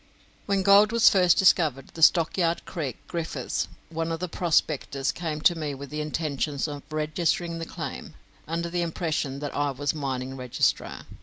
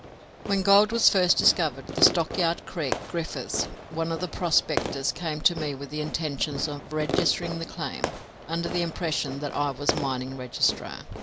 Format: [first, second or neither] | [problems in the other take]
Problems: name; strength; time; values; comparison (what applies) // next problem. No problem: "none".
first | background sound (Fireworks); 8 dB below the speech